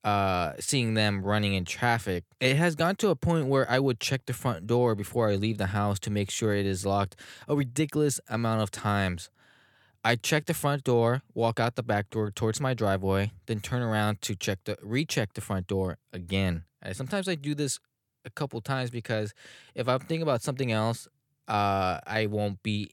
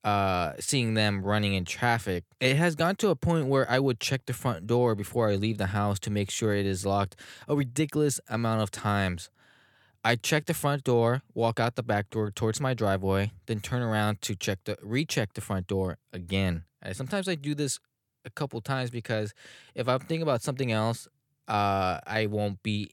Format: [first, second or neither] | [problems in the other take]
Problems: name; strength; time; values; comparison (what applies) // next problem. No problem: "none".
neither | none